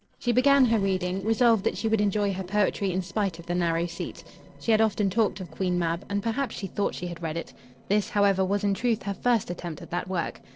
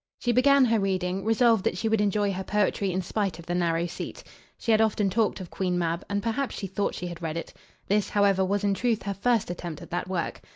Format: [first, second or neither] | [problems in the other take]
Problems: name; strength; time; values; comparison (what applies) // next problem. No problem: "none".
second | noise reduction (neural separator model SepFormer DNS4)